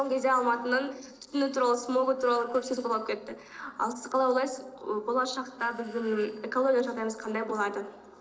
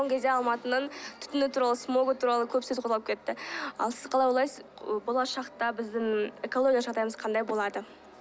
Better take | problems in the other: second | noise reduction (neural separator model SepFormer DNS4)

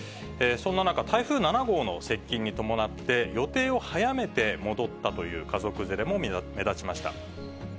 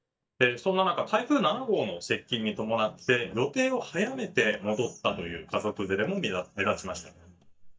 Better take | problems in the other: first | noise reduction (neural mask model DeepFilterNet 3)

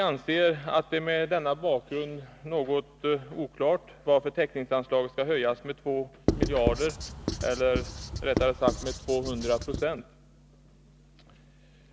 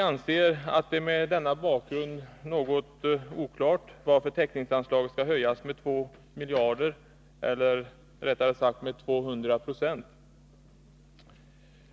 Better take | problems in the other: second | background sound (Writing); 3 dB below the speech

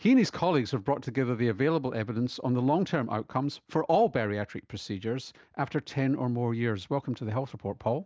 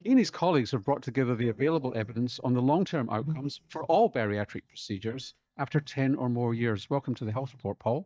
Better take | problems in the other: first | noise reduction (neural mask model DeepFilterNet 3)

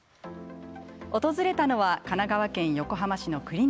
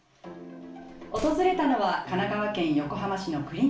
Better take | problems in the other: first | background sound (Slam); 16 dB below the speech // room echo; dies away in 0.3 s

